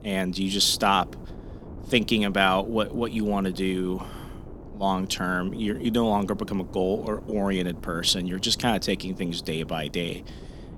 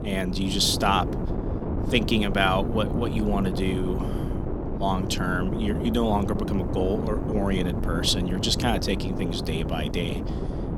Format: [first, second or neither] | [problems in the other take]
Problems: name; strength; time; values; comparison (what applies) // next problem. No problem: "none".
first | wind noise on the microphone; heavy; 8 dB below the speech; occasional gusts in the first